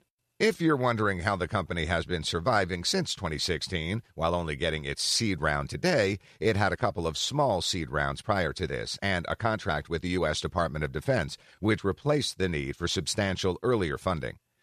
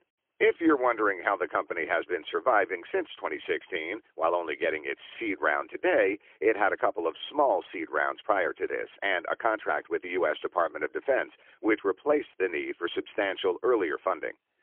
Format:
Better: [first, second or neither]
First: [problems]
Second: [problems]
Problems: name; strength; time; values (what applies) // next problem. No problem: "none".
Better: first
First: none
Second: phone-call audio; poor line; nothing above 3.5 kHz